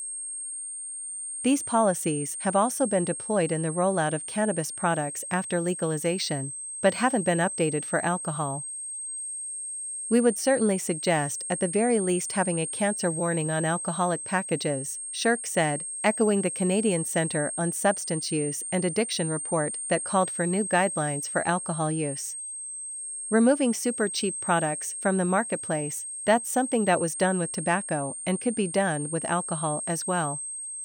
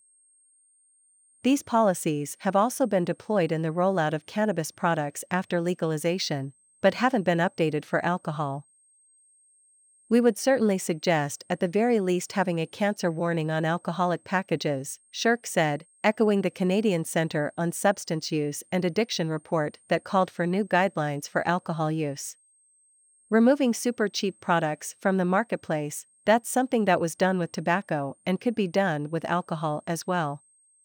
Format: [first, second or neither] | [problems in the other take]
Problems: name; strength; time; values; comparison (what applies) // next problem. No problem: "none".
second | high-pitched whine; loud; throughout; 8.5 kHz, 5 dB below the speech; faint in the second